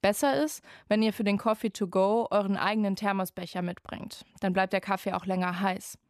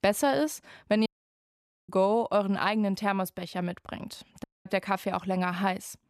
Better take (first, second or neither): first